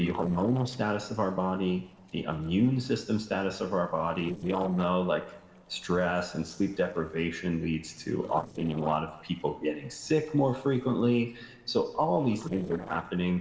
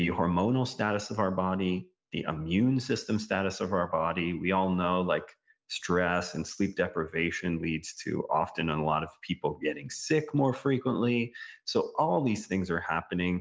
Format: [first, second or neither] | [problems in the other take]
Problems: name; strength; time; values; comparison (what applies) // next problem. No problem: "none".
second | noise reduction (neural separator model SepFormer DNS4)